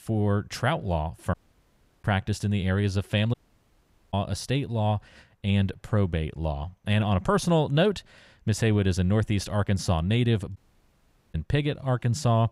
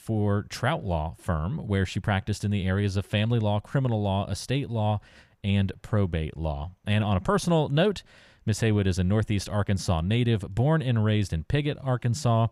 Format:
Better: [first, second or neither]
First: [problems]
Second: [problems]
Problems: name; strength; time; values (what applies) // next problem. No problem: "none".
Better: second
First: audio cutting out; at 1.5 s for 0.5 s, at 3.5 s for 1 s and at 11 s for 1 s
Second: none